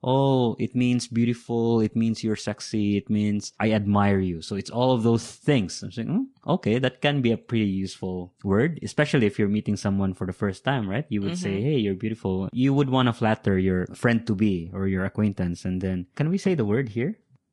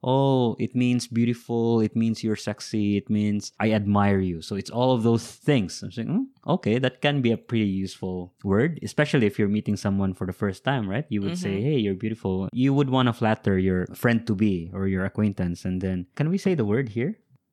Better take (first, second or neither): second